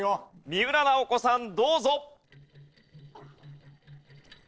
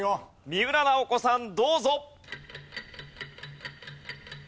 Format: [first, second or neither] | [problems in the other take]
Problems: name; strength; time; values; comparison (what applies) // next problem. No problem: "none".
second | noise reduction (neural separator model SepFormer DNS4)